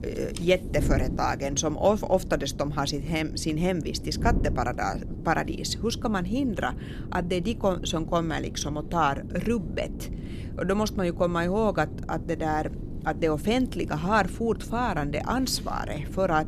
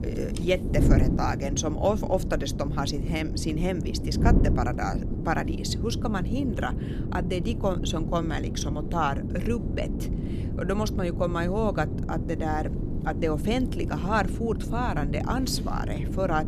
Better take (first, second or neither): first